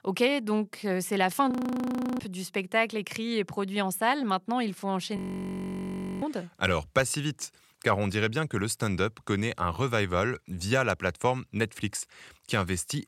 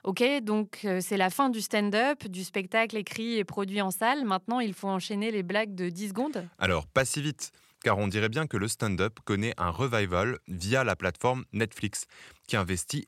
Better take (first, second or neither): second